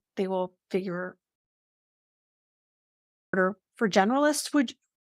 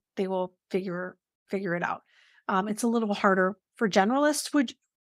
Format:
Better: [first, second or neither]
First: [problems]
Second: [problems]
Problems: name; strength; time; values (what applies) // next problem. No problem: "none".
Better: second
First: audio cutting out; at 1.5 s for 2 s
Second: none